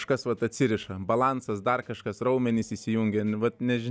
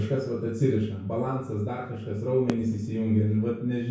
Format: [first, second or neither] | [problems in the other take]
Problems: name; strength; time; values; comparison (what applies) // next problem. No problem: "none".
first | background sound (Fireworks); 14 dB below the speech // room echo; dies away in 0.6 s